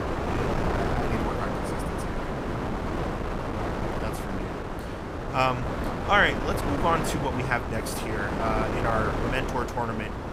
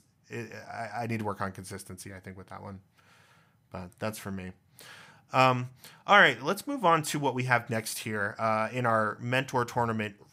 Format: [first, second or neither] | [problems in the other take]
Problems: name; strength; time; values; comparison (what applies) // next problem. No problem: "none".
second | wind noise on the microphone; heavy; 4 dB below the speech